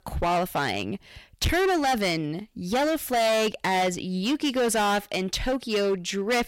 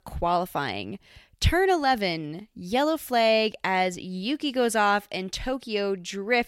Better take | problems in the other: second | distortion; heavy; 18% of the sound clipped

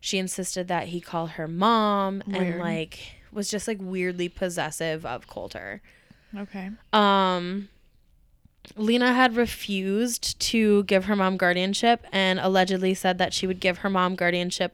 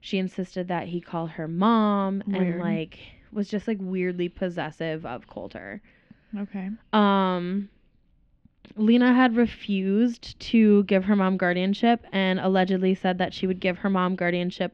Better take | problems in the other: first | muffled; slightly; fading above 3.5 kHz

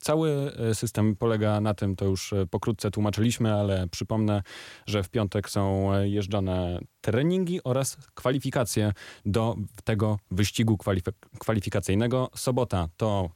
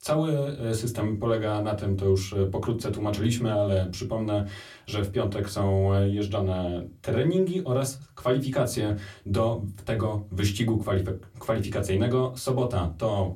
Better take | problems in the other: first | off-mic speech; somewhat distant // room echo; very slight; dies away in 0.2 s

